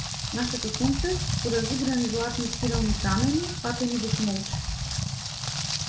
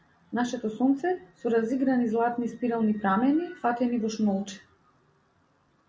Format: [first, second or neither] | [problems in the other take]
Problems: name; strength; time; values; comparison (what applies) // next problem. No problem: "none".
second | background sound (Rain); as loud as the speech // room echo; dies away in 0.3 s